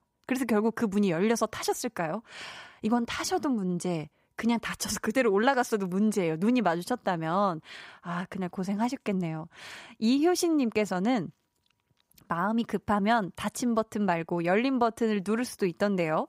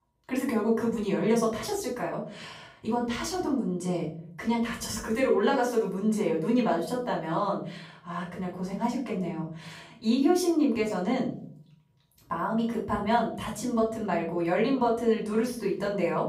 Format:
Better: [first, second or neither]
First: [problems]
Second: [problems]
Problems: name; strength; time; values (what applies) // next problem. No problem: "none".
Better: first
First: none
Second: off-mic speech; far // room echo; slight; dies away in 0.5 s